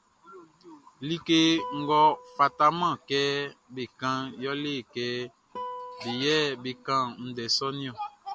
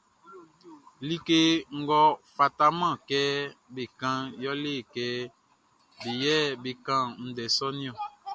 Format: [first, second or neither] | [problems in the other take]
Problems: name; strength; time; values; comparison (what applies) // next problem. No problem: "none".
second | background sound (Guitar); 18 dB below the speech